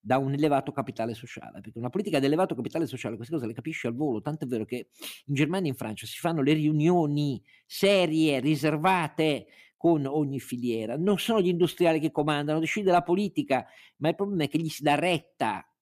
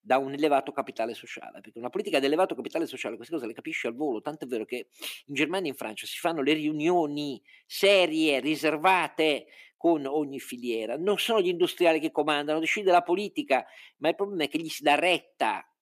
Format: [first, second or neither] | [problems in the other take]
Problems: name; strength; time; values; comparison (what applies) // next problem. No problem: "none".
first | thin; somewhat; fading below 400 Hz